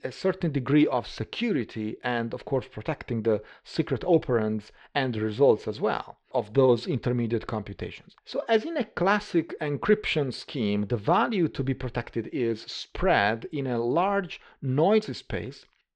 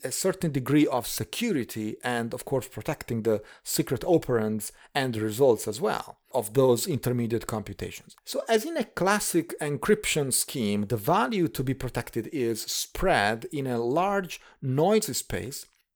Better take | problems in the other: second | muffled; slightly; fading above 4 kHz

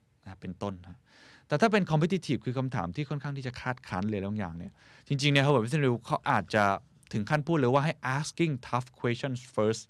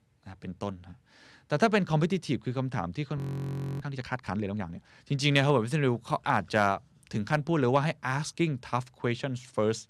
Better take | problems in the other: first | audio freezing; at 3 s for 0.5 s

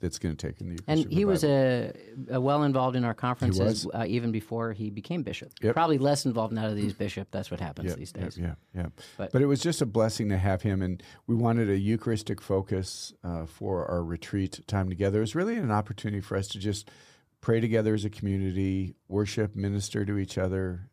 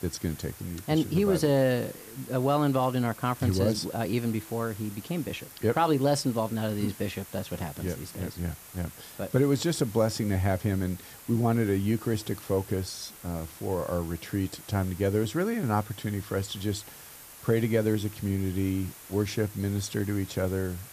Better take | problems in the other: first | hiss; noticeable; throughout; 15 dB below the speech

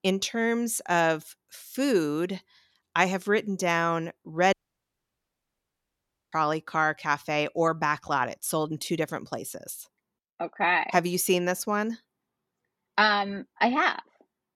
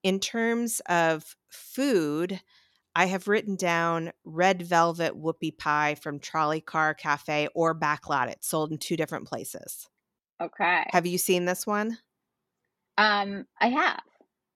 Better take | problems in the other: second | audio cutting out; at 4.5 s for 2 s

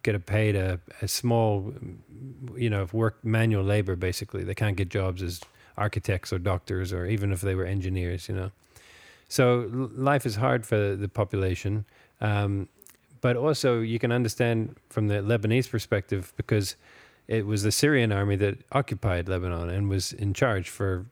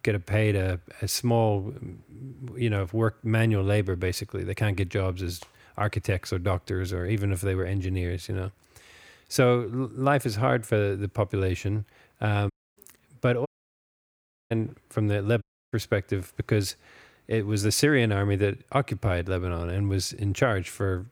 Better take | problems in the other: first | audio cutting out; at 13 s for 1 s and at 15 s

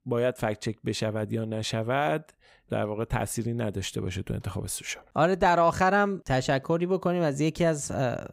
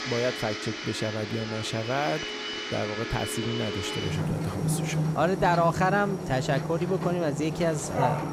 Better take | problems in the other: first | household noises; loud; throughout; 3 dB below the speech

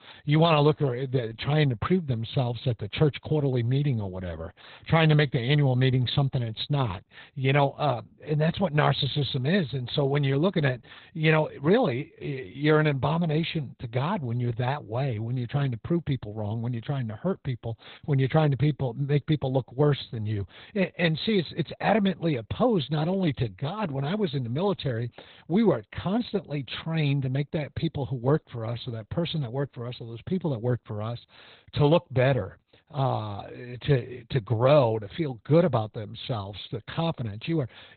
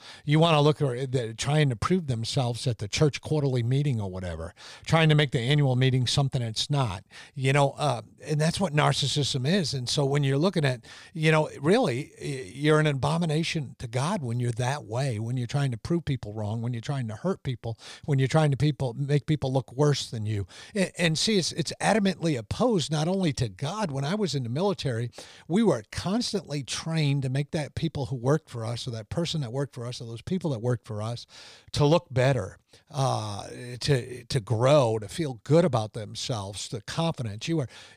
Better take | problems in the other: second | garbled, watery; badly; nothing above 4 kHz

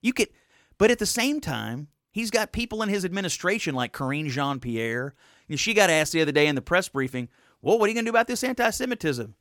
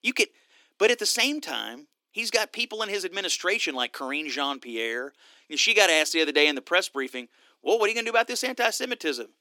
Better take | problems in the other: first | thin; very slightly; fading below 300 Hz

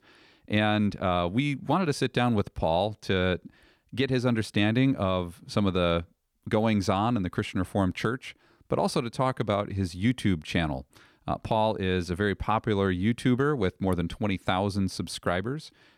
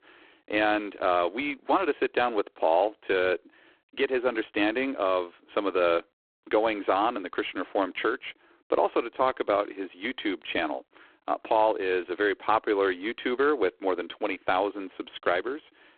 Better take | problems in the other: first | phone-call audio; poor line; nothing above 3.5 kHz

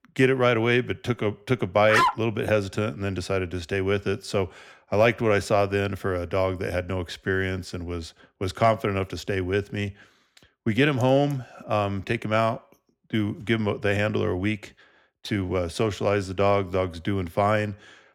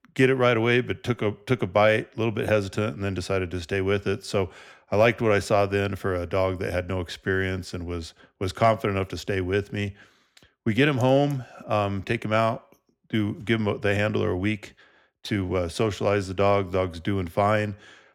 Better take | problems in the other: second | dog barking; loud; at 2 s; peak 3 dB above the speech

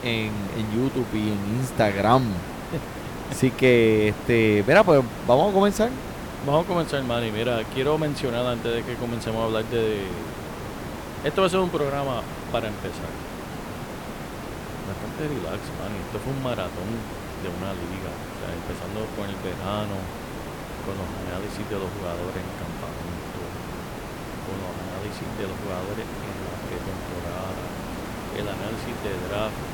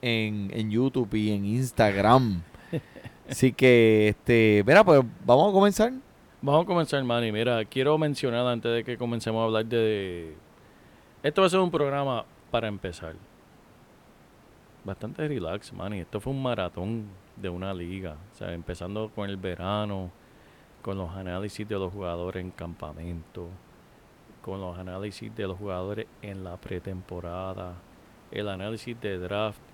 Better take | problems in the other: second | hiss; loud; throughout; 9 dB below the speech; faint in the second

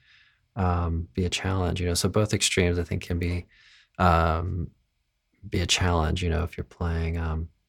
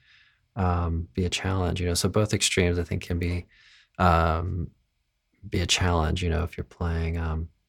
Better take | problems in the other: neither | none

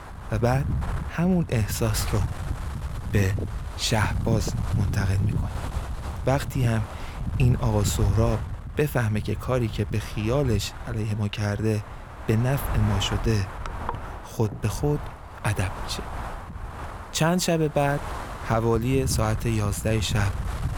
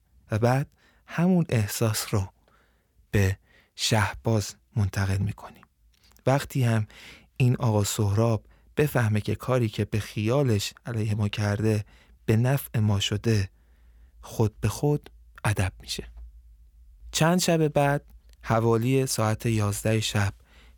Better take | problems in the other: second | wind noise on the microphone; heavy; 9 dB below the speech

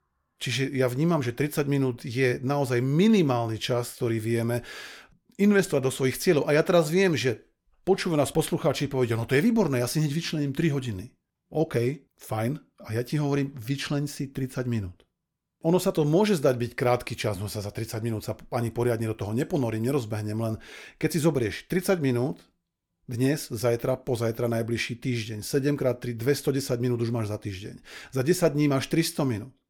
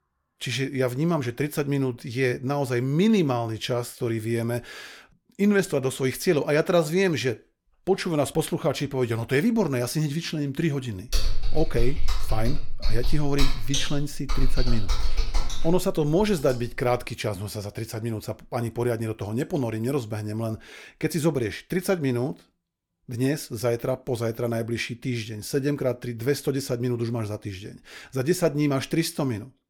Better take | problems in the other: first | keyboard typing; noticeable; from 11 to 16 s; peak 1 dB below the speech

